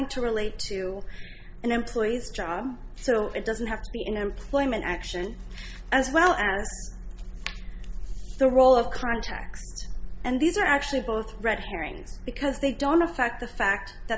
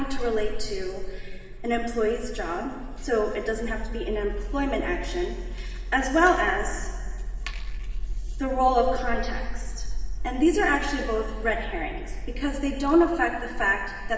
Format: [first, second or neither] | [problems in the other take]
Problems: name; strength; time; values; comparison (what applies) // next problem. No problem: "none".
first | room echo; dies away in 2.1 s